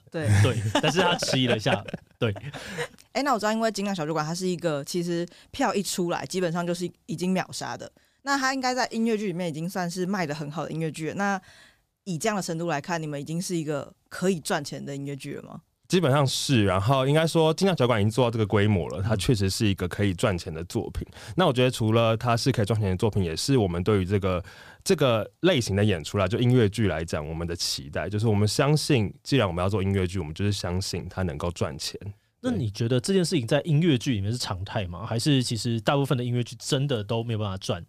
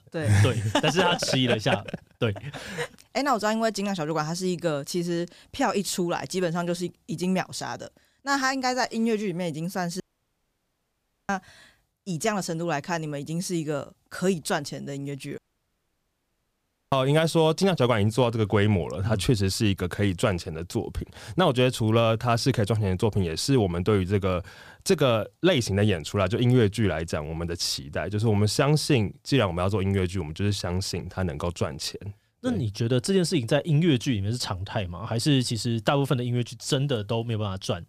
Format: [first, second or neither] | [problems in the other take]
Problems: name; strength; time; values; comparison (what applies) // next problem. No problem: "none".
first | audio cutting out; at 10 s for 1.5 s and at 15 s for 1.5 s